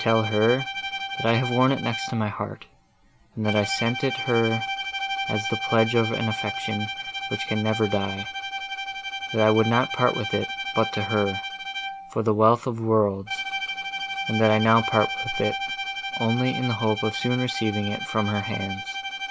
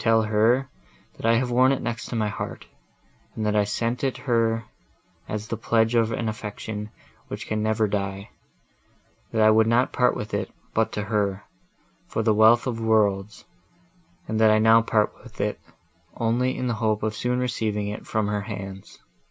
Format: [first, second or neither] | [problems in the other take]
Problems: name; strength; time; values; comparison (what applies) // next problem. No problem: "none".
second | background sound (Bowed string instrument); 6 dB below the speech